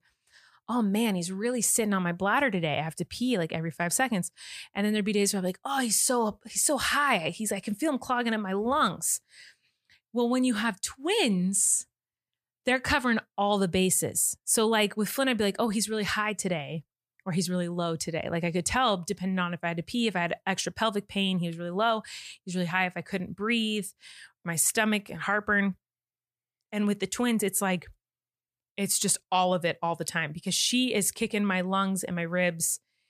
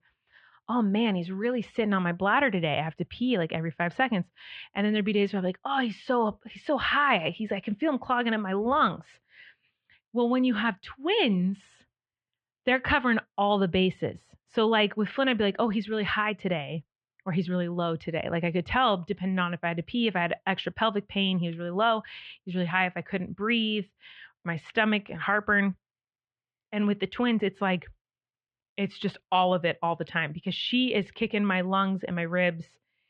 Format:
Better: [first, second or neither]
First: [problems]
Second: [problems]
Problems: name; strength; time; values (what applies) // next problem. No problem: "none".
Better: first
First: none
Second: muffled; very; fading above 3.5 kHz